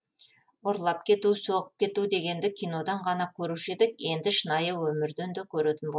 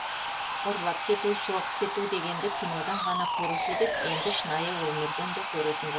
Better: first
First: none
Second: background sound (Sawing); as loud as the speech

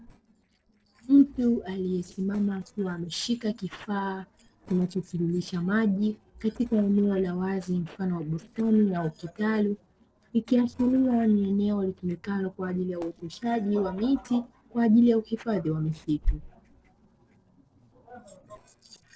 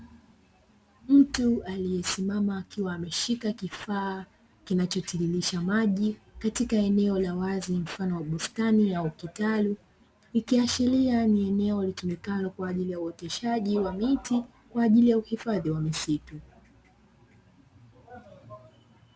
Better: second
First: noise reduction (neural separator model SepFormer DNS4)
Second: none

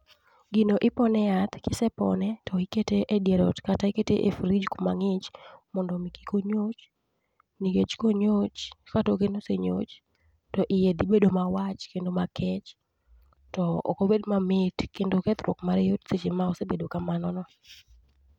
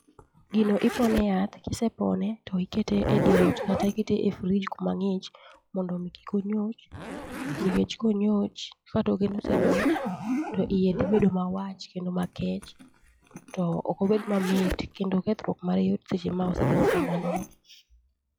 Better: first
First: none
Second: noise reduction (classical method log-MMSE)

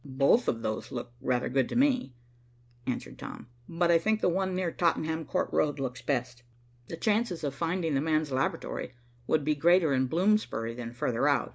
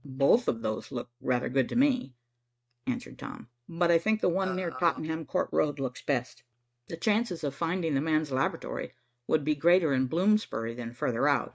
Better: first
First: none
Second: noise reduction (neural mask model RNNoise)

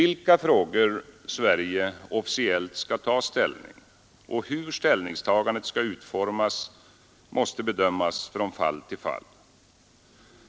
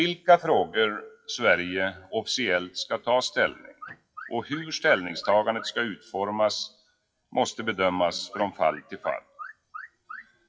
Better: first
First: none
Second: noise reduction (classical method WPE with log-MMSE)

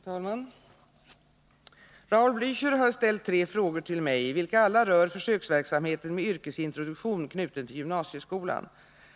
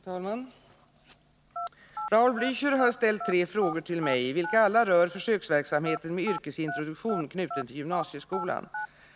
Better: first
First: none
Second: background sound (Telephone); 9 dB below the speech

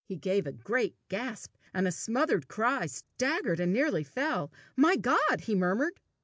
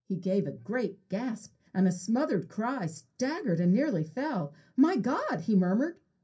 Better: first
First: none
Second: room echo; dies away in 0.3 s

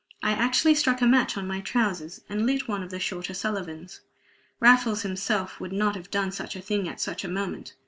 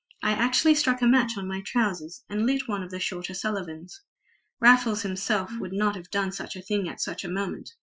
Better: first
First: none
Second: noise reduction (classical method Wiener filter)

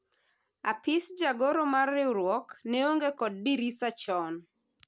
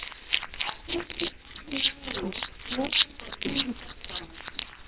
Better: first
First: none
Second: noise reduction (neural separator model SepFormer WHAMR!)

